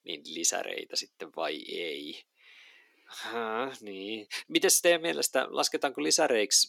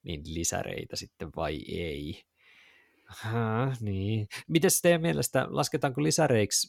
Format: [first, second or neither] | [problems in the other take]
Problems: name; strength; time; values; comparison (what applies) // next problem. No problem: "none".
second | thin; somewhat; fading below 300 Hz